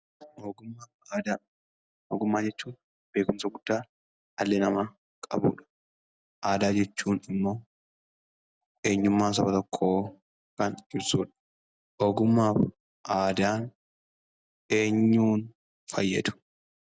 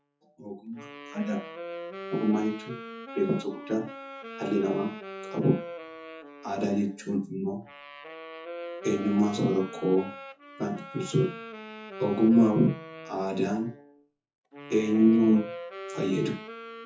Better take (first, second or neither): first